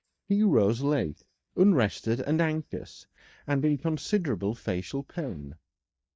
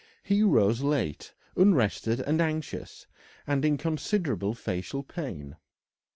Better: second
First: noise reduction (neural mask model DeepFilterNet 3)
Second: none

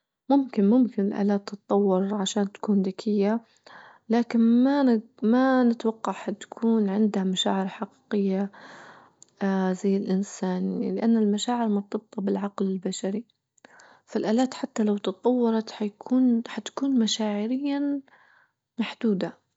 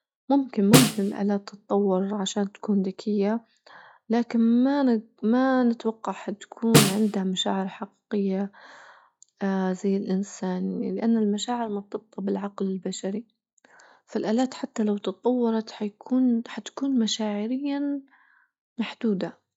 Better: first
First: none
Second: noise reduction (classical method log-MMSE)

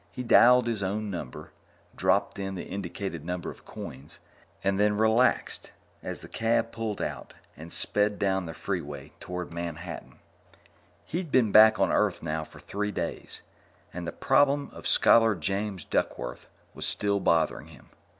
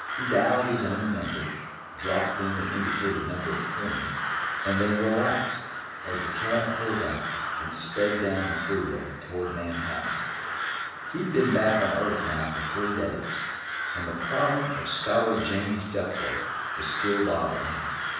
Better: first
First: none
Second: background sound (Crow); 3 dB below the speech // room echo; dies away in 1.1 s

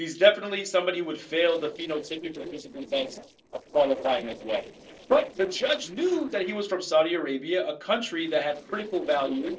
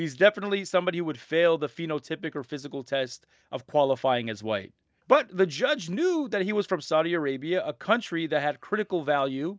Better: second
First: noise reduction (neural separator model SepFormer DNS4)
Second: none

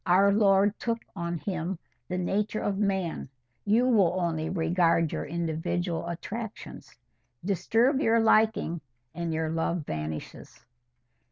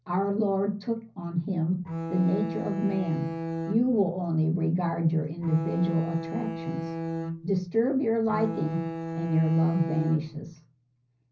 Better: first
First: none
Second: background sound (Bowed string instrument); 6 dB below the speech // room echo; dies away in 0.5 s

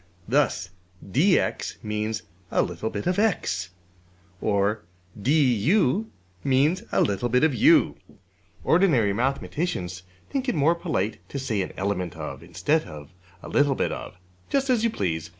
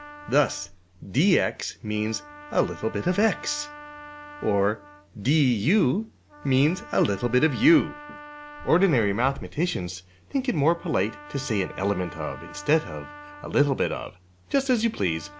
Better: first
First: none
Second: background sound (Trumpet); 19 dB below the speech

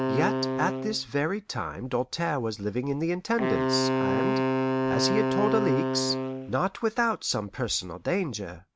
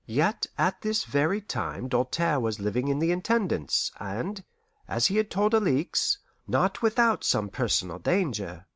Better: second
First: background sound (Wind instrument, woodwind instrument); 1 dB below the speech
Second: none

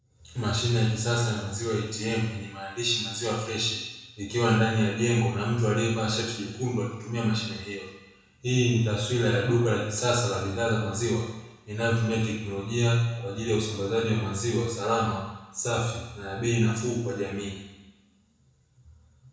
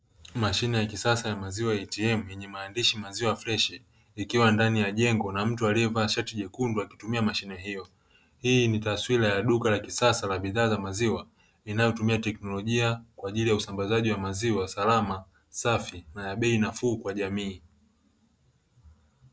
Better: second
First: room echo; dies away in 1 s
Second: none

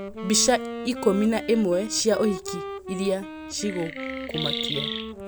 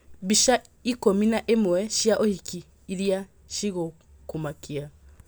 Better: second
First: background sound (Wind instrument, woodwind instrument + Chirp, tweet); 7 dB below the speech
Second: none

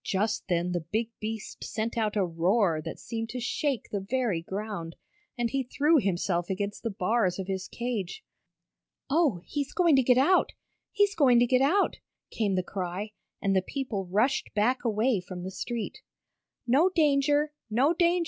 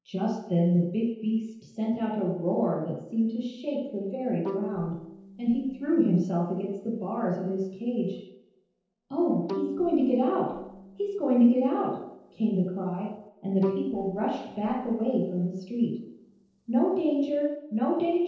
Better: first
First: none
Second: noise reduction (neural separator model SepFormer DNS4)

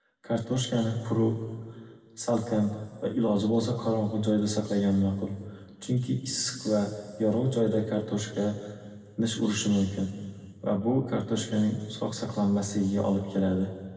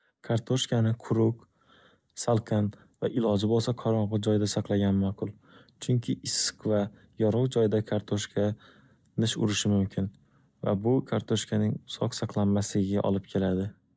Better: second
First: room echo; dies away in 1.6 s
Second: none

